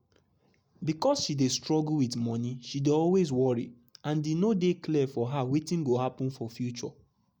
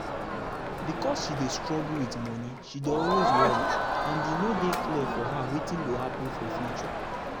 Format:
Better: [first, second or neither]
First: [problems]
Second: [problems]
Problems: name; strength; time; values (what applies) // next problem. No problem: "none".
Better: first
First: none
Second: background sound (Crowd); 3 dB above the speech